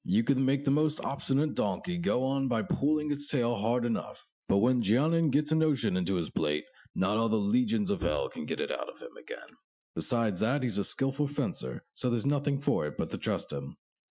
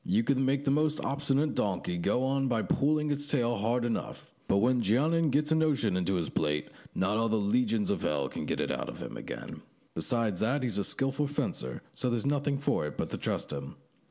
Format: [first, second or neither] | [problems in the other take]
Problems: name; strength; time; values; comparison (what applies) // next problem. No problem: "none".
second | noise reduction (classical method Wiener filter)